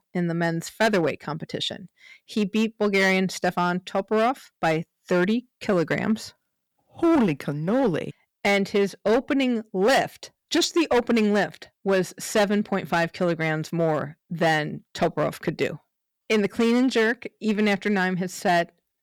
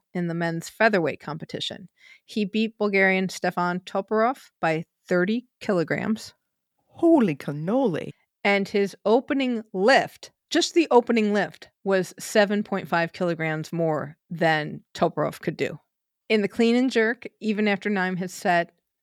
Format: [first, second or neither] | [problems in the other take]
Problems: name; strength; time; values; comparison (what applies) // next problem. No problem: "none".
second | distortion; slight; 6% of the sound clipped